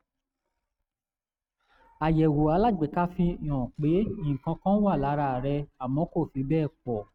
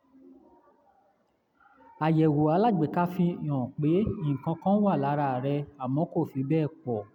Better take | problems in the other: second | noise reduction (neural mask model RNNoise)

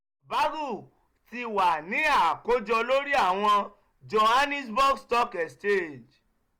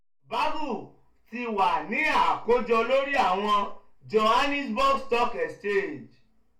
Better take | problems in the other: first | room echo; dies away in 0.3 s

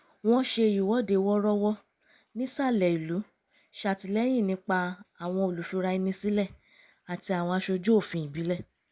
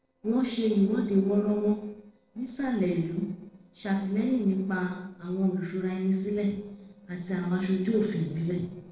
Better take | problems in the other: first | noise reduction (neural separator model SepFormer DNS4)

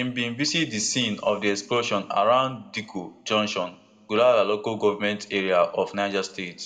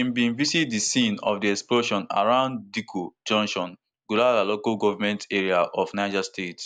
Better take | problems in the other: second | room echo; dies away in 0.5 s

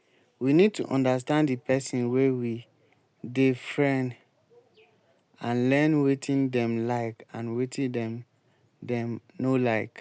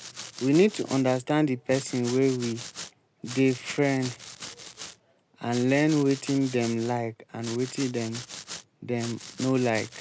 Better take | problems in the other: first | background sound (Domestic sounds, home sounds); 15 dB below the speech

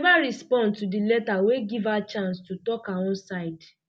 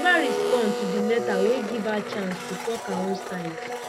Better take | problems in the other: first | background sound (Domestic sounds, home sounds); 3 dB below the speech

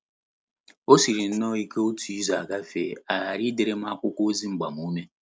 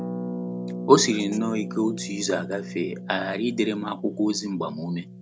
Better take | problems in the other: first | background sound (Harp); 9 dB below the speech

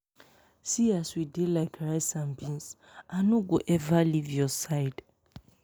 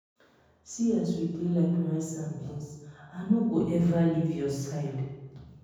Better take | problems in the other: first | room echo; dies away in 1.1 s

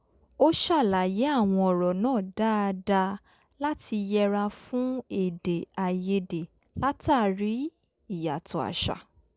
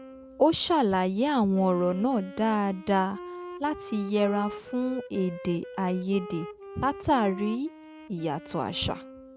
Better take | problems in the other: first | background sound (Wind instrument, woodwind instrument); 15 dB below the speech

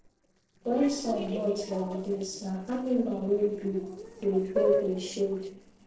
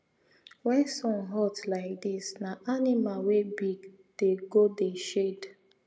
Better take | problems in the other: second | noise reduction (neural separator model SepFormer DNS4)

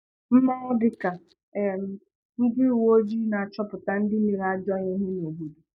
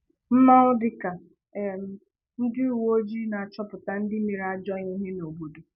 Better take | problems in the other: second | noise reduction (neural mask model DeepFilterNet 3)

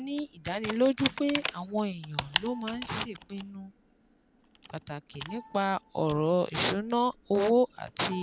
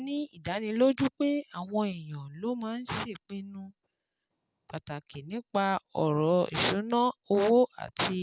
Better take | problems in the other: second | background sound (Computer keyboard); 11 dB below the speech

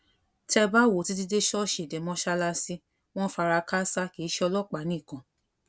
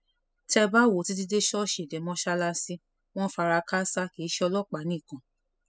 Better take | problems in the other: first | noise reduction (classical method spectral subtraction)

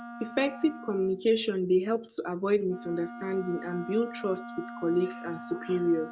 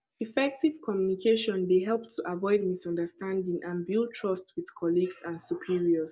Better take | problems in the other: second | background sound (Wind instrument, woodwind instrument); 14 dB below the speech

